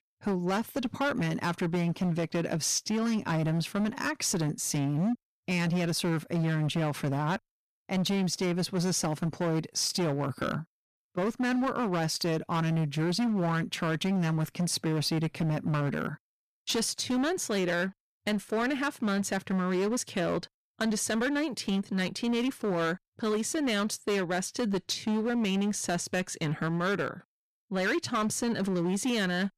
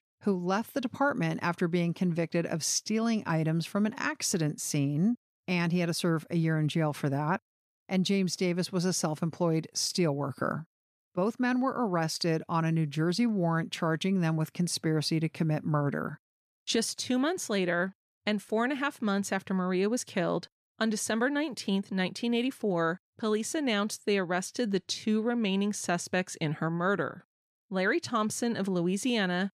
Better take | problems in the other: second | distortion; slight; 18% of the sound clipped

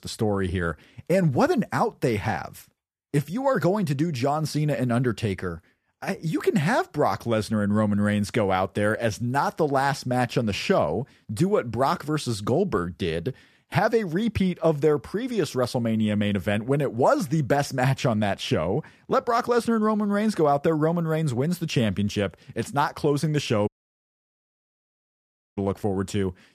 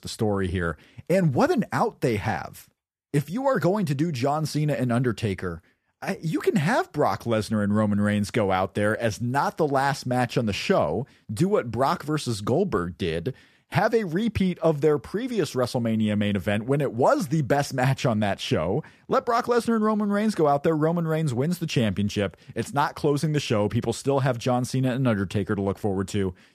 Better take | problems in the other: second | audio cutting out; at 24 s for 2 s

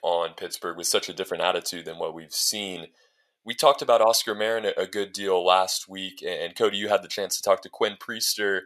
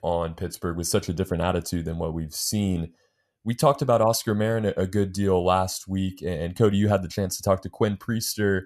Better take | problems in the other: second | thin; very; fading below 550 Hz

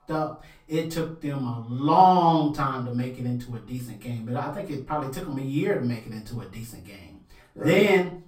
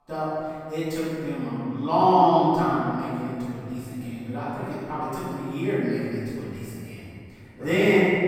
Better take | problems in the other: first | room echo; strong; dies away in 2.4 s; slight in the first // off-mic speech; far; far in the first

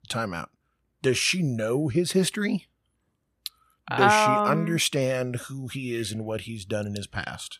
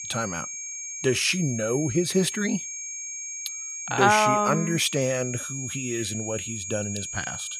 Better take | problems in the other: first | high-pitched whine; loud; throughout; 6.5 kHz, 7 dB below the speech

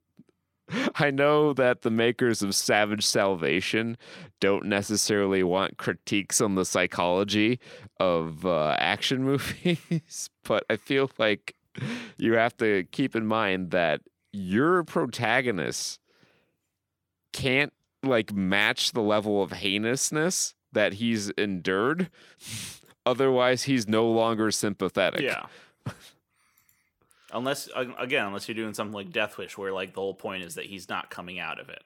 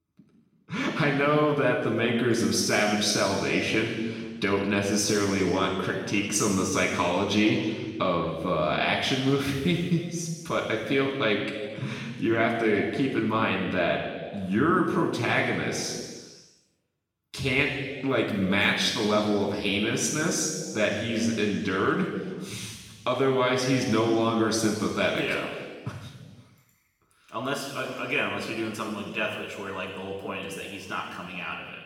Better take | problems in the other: first | room echo; noticeable; dies away in 1.5 s // off-mic speech; far

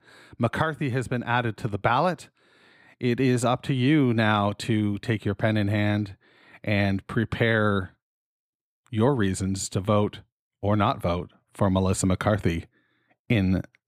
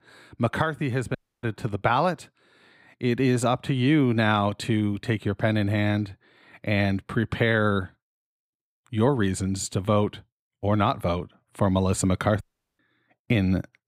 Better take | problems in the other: first | audio cutting out; at 1 s and at 12 s

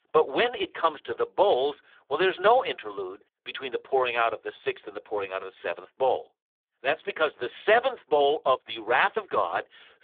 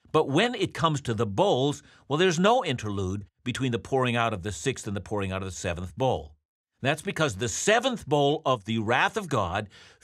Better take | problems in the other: second | phone-call audio; poor line

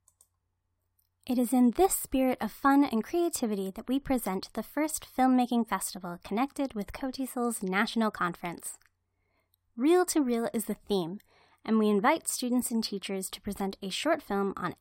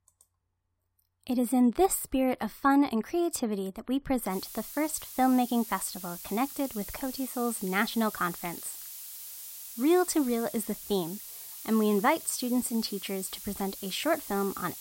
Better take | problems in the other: first | hiss; noticeable; from 4.5 s on; 10 dB below the speech

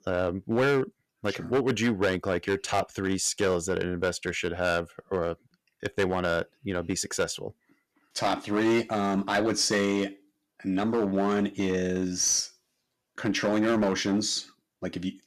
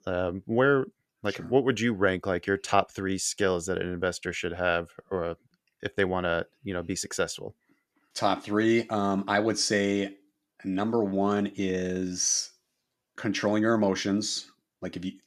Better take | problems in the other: second | distortion; slight; 6% of the sound clipped

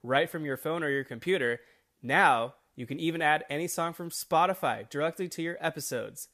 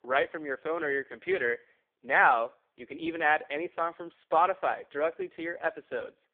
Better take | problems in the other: first | phone-call audio; poor line

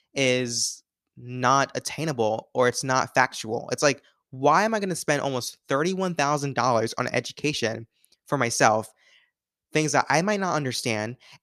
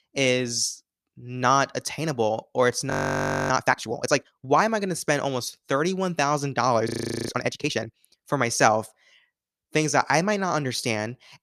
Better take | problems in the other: first | audio freezing; at 3 s for 0.5 s and at 7 s

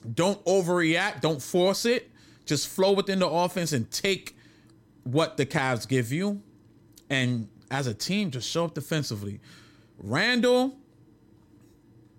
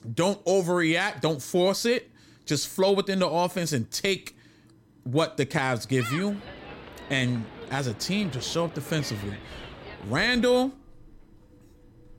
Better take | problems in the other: first | animal sounds; noticeable; from 6.5 s on; 15 dB below the speech

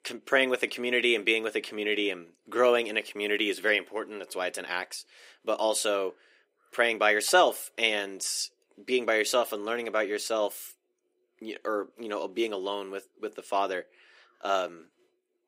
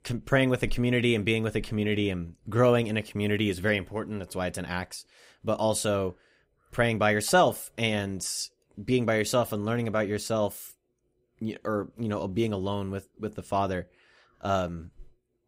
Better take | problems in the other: second | thin; somewhat; fading below 350 Hz

